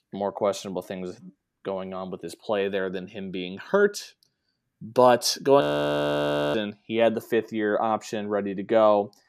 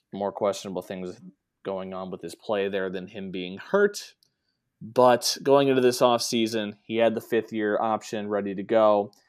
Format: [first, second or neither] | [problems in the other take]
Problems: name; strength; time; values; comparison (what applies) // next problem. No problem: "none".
second | audio freezing; at 5.5 s for 1 s